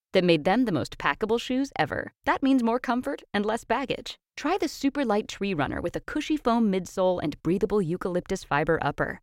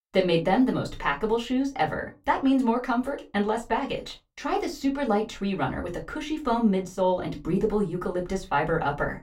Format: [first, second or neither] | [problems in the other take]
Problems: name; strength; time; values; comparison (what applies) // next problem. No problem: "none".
first | off-mic speech; far // room echo; very slight; dies away in 0.2 s